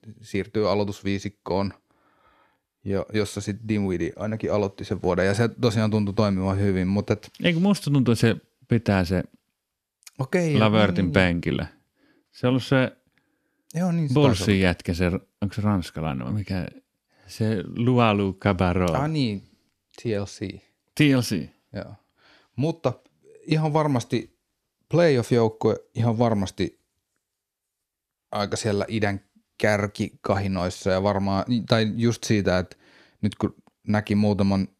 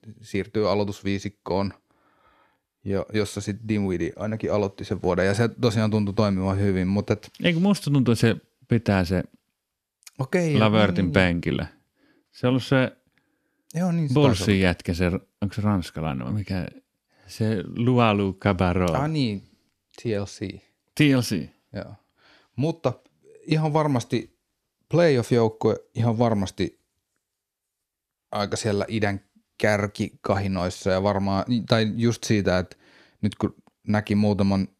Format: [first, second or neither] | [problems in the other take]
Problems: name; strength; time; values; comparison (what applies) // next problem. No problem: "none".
neither | none